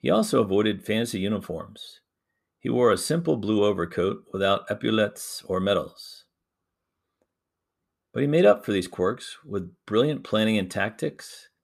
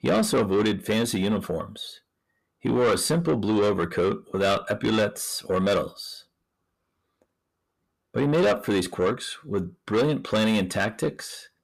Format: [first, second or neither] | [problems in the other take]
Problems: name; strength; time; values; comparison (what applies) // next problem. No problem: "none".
first | distortion; heavy; 8 dB below the speech